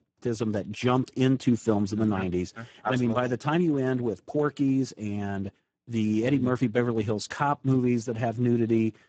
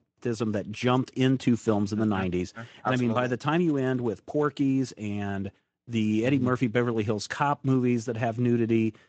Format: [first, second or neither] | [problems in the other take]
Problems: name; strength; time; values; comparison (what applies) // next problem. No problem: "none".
second | garbled, watery; badly; nothing above 7.5 kHz; slightly in the second